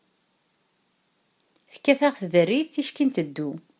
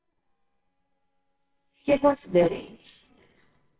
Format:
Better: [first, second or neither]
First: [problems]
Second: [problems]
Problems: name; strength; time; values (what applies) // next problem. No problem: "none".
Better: first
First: none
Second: noise reduction (neural separator model SepFormer WHAMR!)